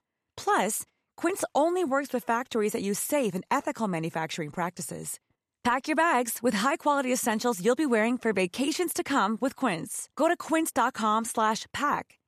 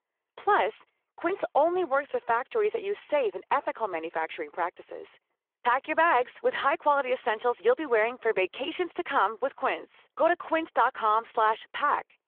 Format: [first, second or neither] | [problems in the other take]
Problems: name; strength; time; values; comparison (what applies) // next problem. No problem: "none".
first | phone-call audio